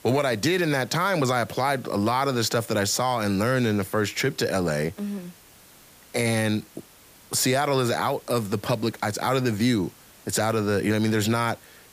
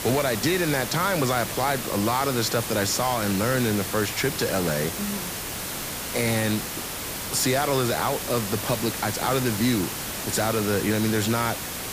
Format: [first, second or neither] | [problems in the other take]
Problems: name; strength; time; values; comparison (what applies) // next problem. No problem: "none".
first | hiss; loud; throughout; 5 dB below the speech; faint in the first